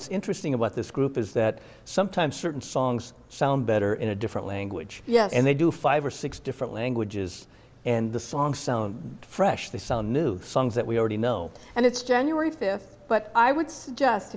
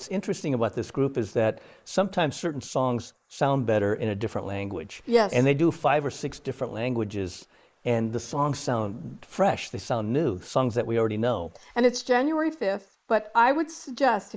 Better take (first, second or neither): first